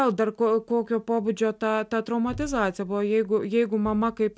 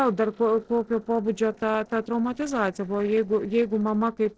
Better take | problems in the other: first | noise reduction (neural separator model SepFormer DNS4)

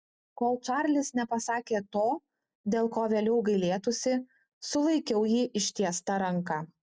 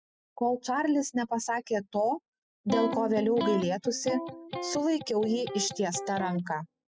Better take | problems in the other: first | noise reduction (classical method spectral subtraction)

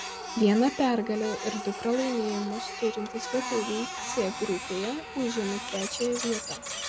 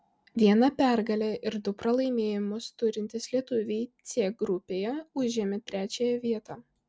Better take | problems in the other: second | background sound (Printer); 7 dB below the speech

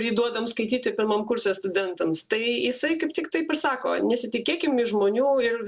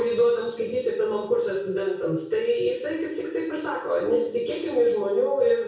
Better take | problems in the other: first | room echo; dies away in 0.6 s

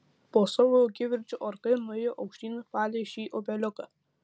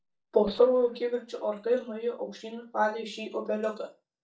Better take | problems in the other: first | noise reduction (neural mask model DeepFilterNet 3)

